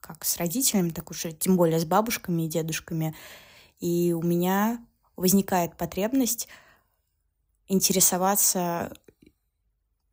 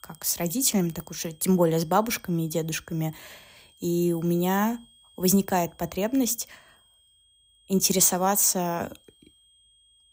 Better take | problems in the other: first | high-pitched whine; faint; throughout; 3 kHz, 35 dB below the speech

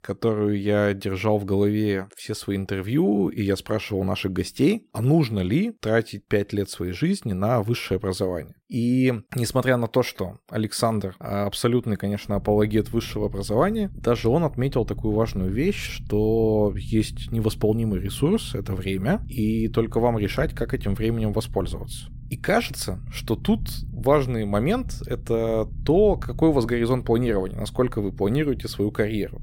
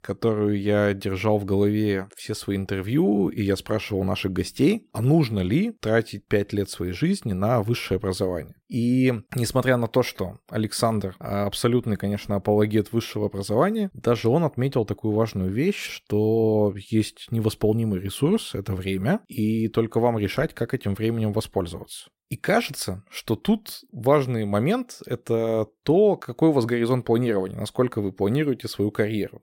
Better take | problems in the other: second | low rumble; faint; from 12 s on; 25 dB below the speech

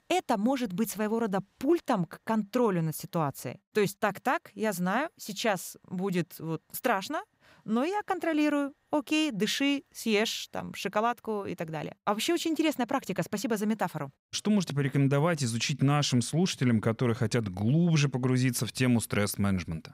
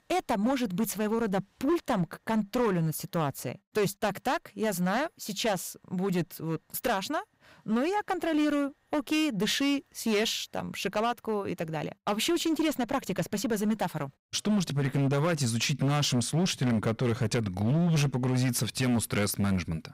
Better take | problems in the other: first | distortion; slight; 11% of the sound clipped

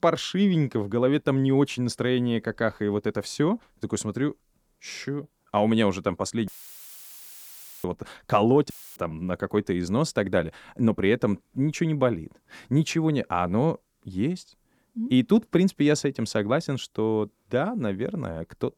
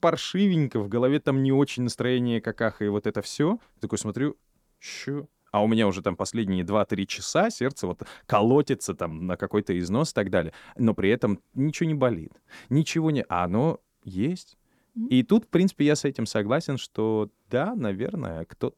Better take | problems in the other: second | audio cutting out; filled with static; at 6.5 s for 1.5 s and at 8.5 s

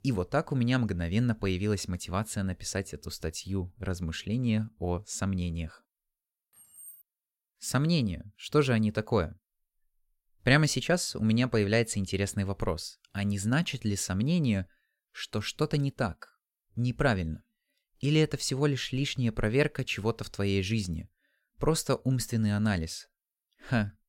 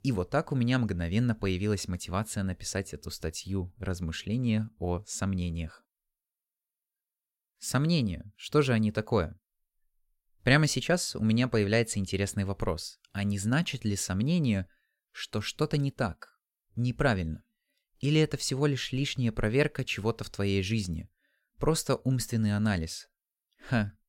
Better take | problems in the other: second | jangling keys; faint; at 6.5 s; peak 15 dB below the speech

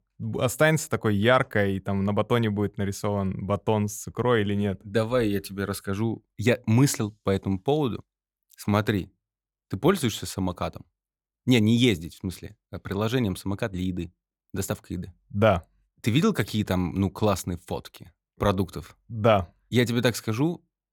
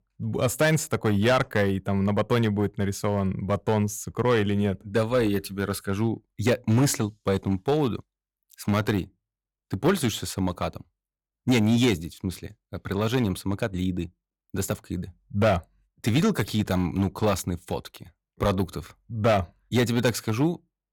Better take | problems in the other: first | distortion; slight; 4% of the sound clipped

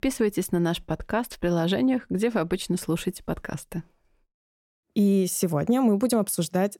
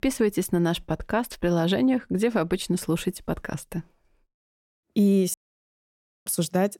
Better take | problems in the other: first | audio cutting out; at 5.5 s for 1 s

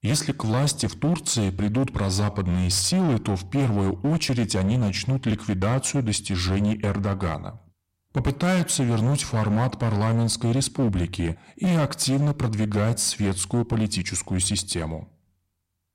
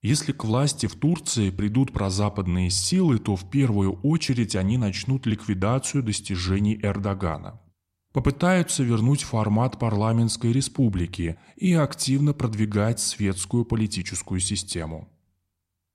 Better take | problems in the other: second | distortion; slight; 15% of the sound clipped

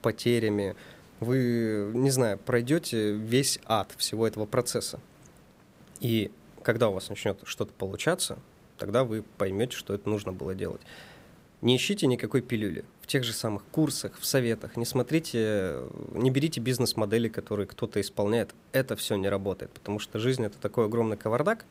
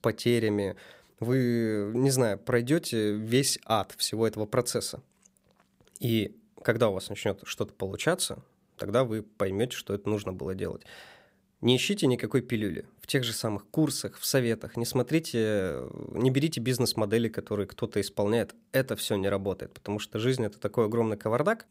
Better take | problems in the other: second | hiss; faint; throughout; 25 dB below the speech

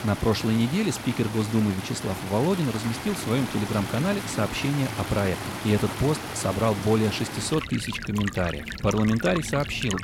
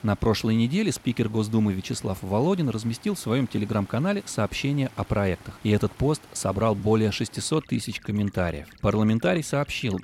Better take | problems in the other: second | rain or running water; loud; throughout; 7 dB below the speech; faint in the second

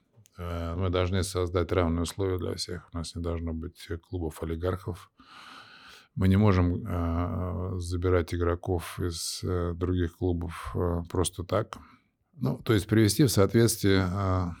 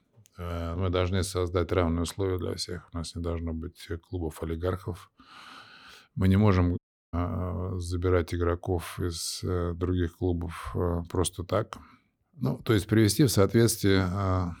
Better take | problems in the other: first | audio cutting out; at 7 s

